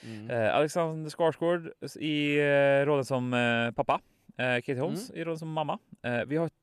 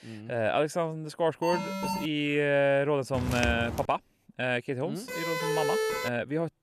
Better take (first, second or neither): first